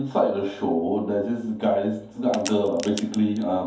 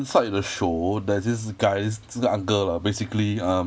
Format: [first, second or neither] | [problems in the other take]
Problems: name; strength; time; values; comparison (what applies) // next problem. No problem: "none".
second | background sound (Crack); 15 dB below the speech // room echo; dies away in 0.6 s